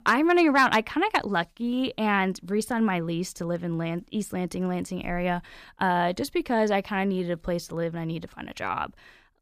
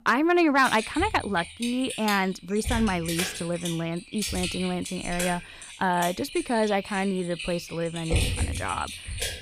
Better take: first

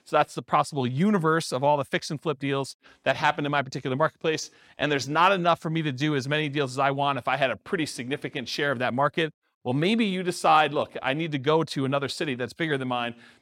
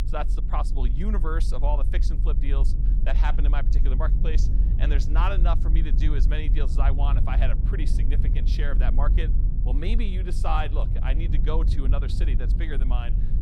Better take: first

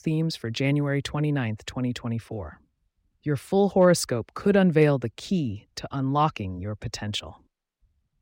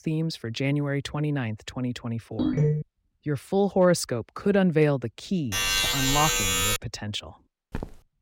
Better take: first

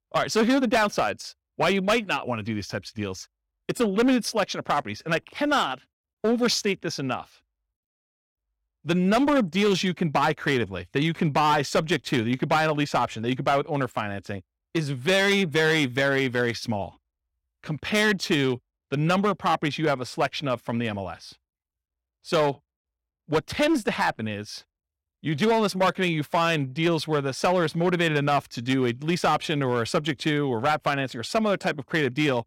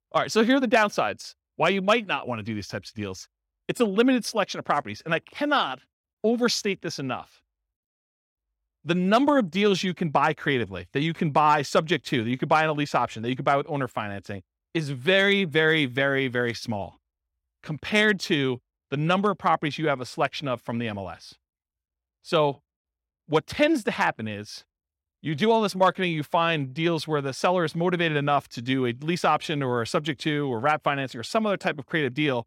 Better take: second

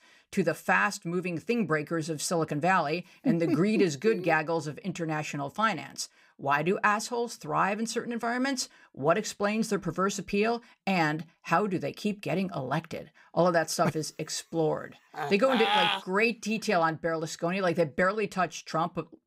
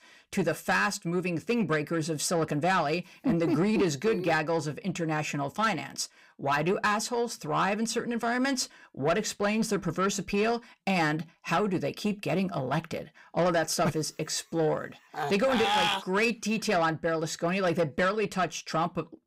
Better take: first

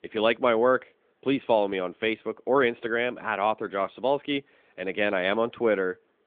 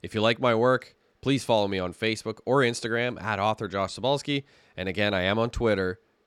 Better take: second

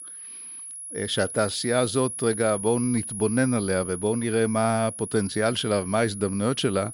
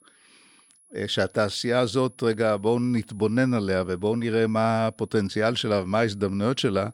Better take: second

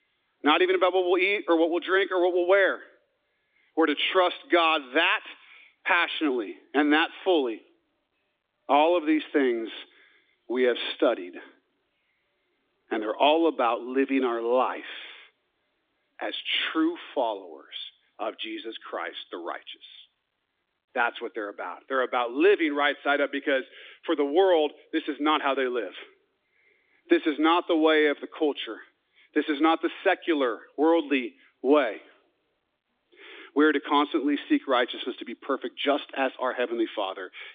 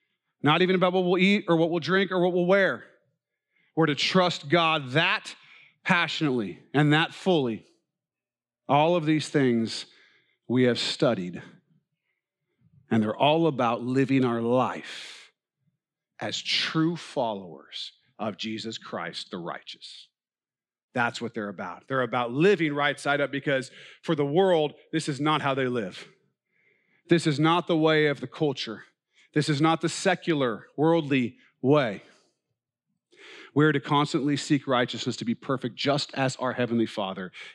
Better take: second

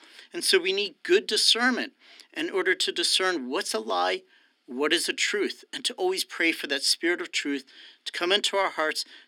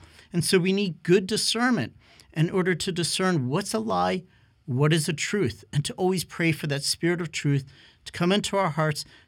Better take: second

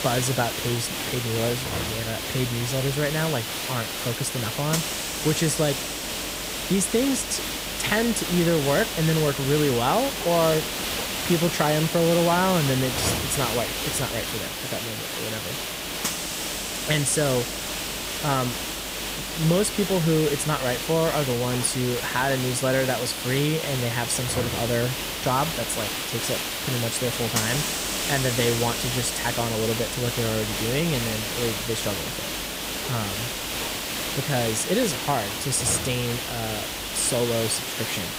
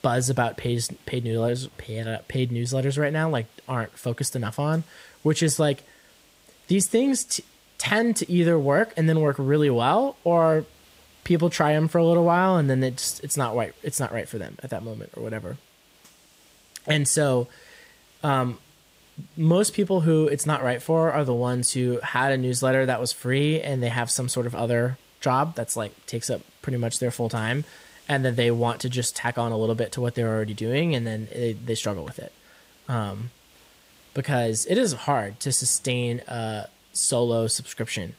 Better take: second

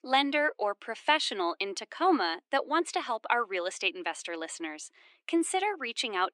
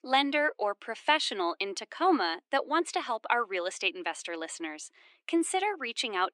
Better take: neither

